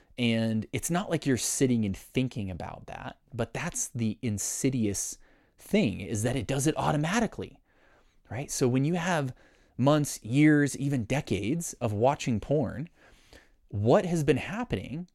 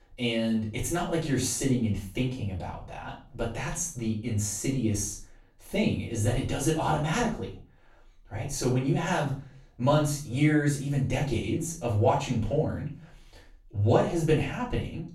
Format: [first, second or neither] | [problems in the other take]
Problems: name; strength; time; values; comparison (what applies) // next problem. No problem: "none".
first | off-mic speech; far // room echo; slight; dies away in 0.4 s